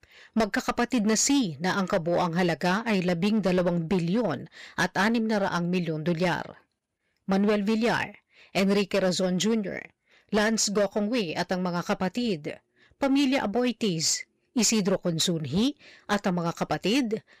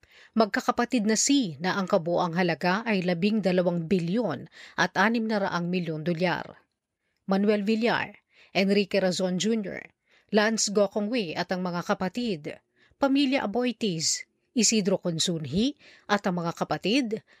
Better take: second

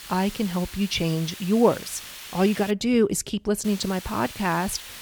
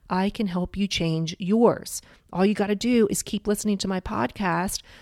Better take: second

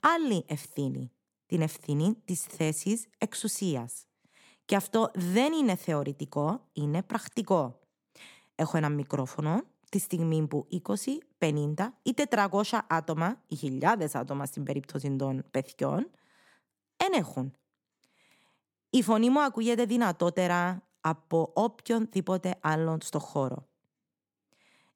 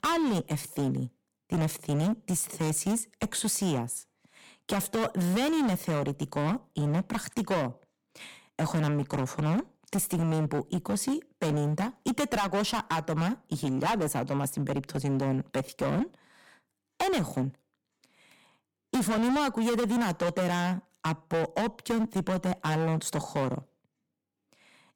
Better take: first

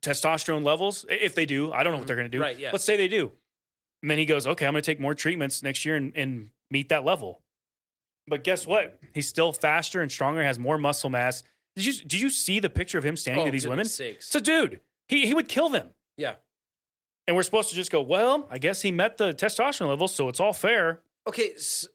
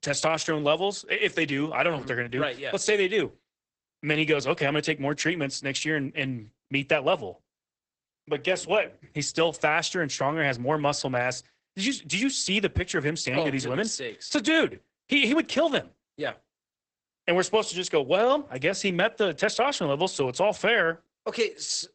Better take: first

